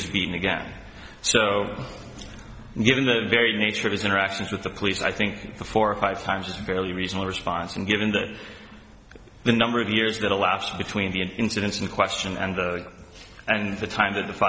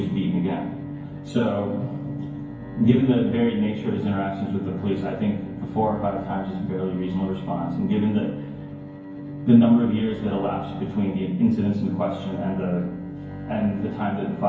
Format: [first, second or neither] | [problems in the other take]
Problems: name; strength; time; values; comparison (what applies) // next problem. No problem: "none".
first | background sound (Bowed string instrument); 11 dB below the speech // room echo; dies away in 0.9 s